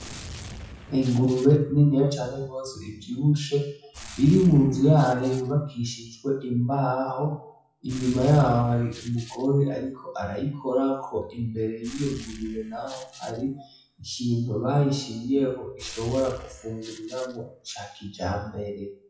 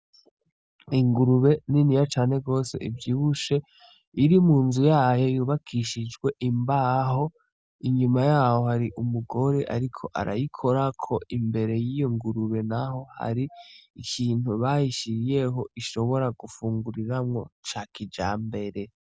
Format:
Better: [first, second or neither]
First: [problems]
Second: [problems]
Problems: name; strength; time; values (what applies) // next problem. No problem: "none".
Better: second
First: noise reduction (classical method WPE with log-MMSE)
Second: none